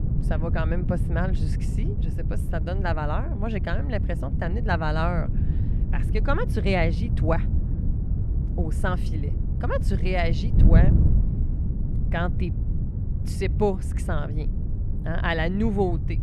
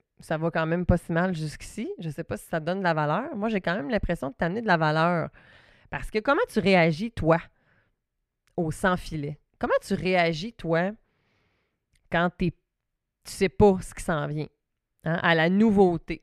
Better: second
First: wind noise on the microphone; heavy; 10 dB below the speech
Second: none

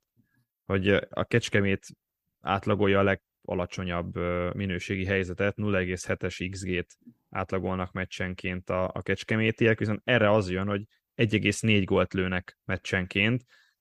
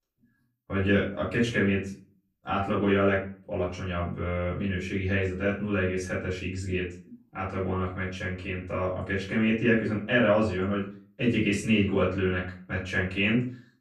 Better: first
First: none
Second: off-mic speech; far // room echo; slight; dies away in 0.3 s

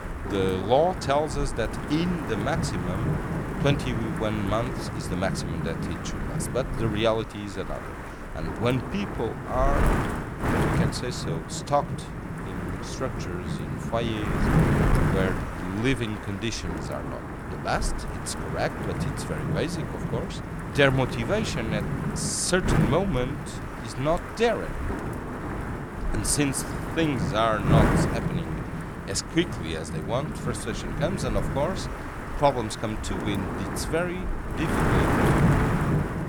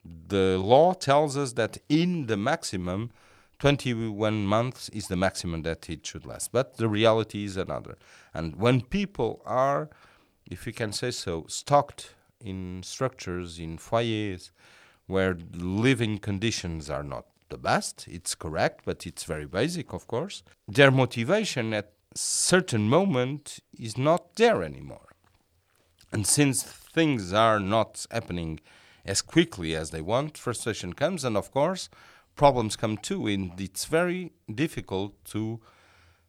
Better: second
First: wind noise on the microphone; heavy; 4 dB below the speech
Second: none

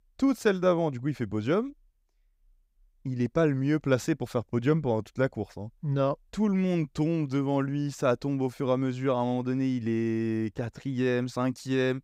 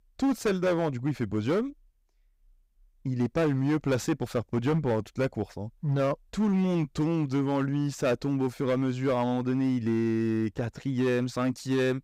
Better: first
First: none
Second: distortion; slight; 10% of the sound clipped

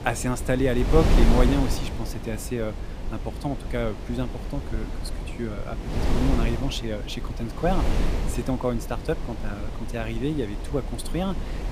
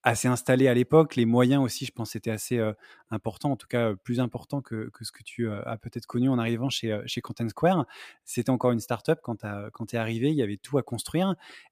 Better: second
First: wind noise on the microphone; heavy; 5 dB below the speech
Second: none

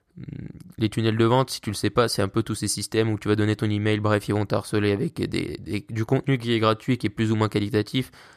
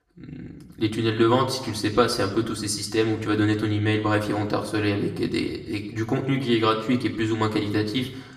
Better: first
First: none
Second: room echo; slight; dies away in 0.8 s // off-mic speech; somewhat distant

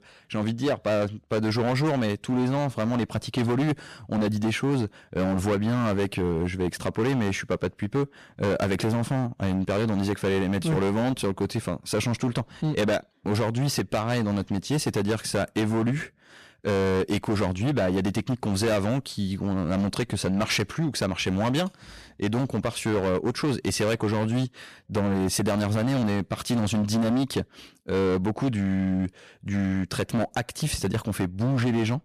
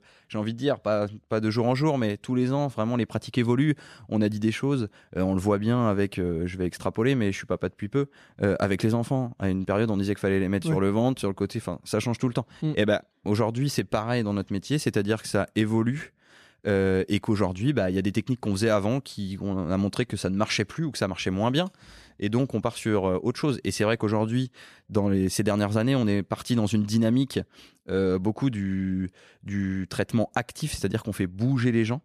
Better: second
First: distortion; heavy; 18% of the sound clipped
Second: none

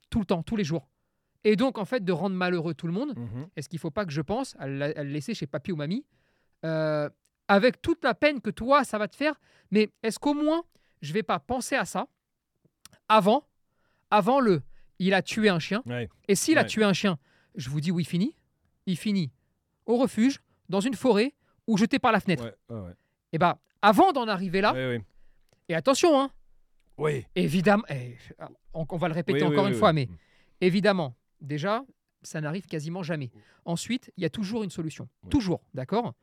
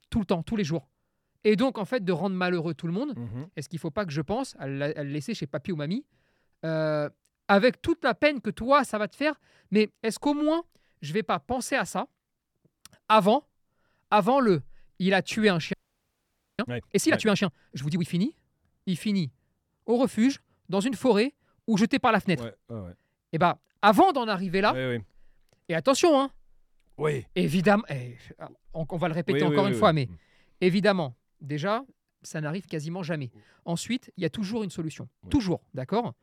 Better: first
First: none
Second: audio freezing; at 16 s for 1 s

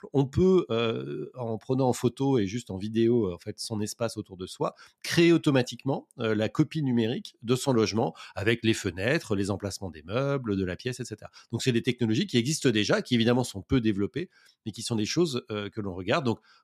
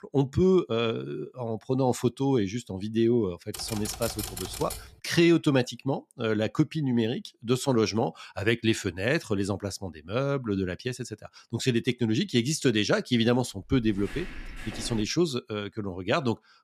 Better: first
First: none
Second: keyboard typing; noticeable; from 3.5 to 5 s; peak 7 dB below the speech // footsteps; faint; from 14 to 15 s; peak 15 dB below the speech

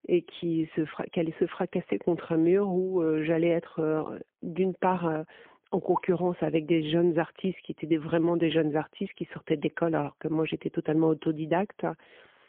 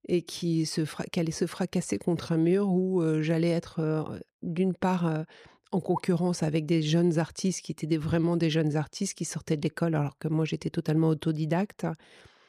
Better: second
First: phone-call audio; poor line; nothing above 3.5 kHz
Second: none

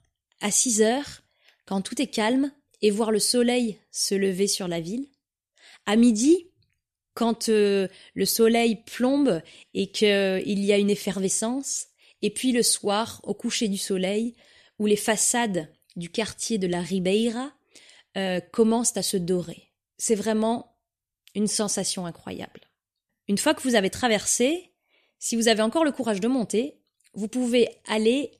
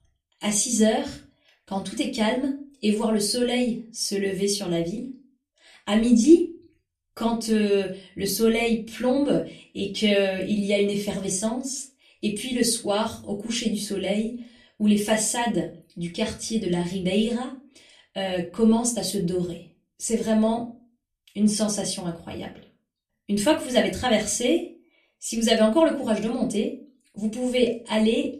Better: first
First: none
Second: off-mic speech; far // room echo; very slight; dies away in 0.3 s

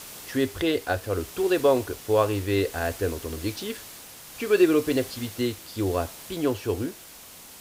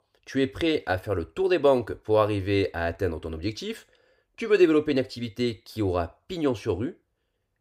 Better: second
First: hiss; noticeable; throughout; 15 dB below the speech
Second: none

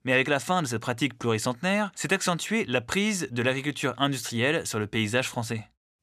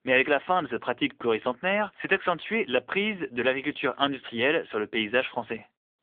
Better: first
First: none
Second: phone-call audio; nothing above 3.5 kHz

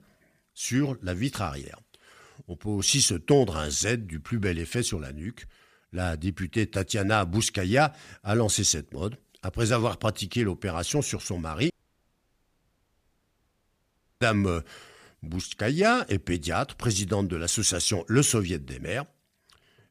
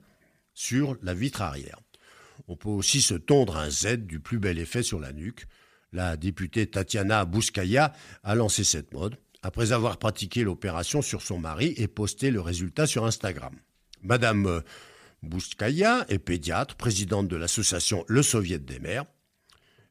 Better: second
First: audio cutting out; at 12 s for 2.5 s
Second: none

